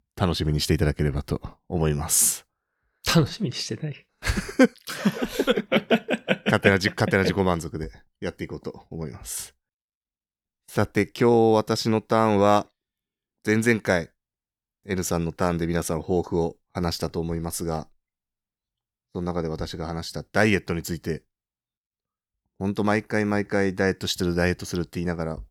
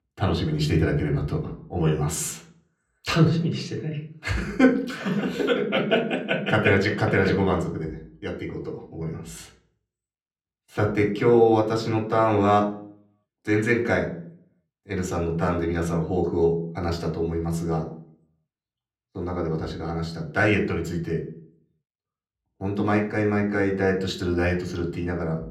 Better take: first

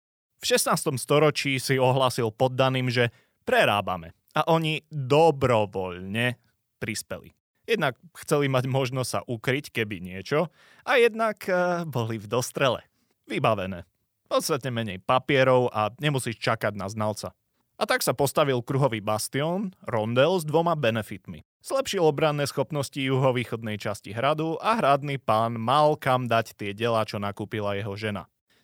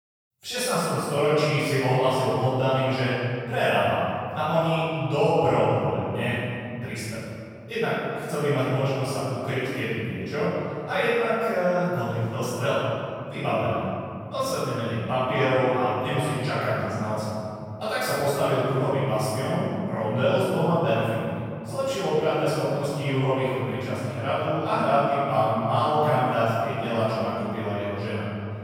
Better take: first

